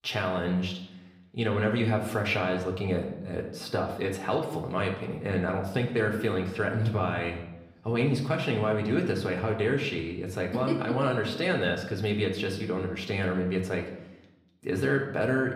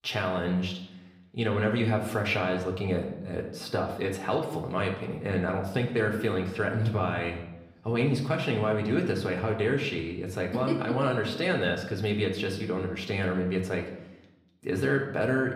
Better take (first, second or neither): neither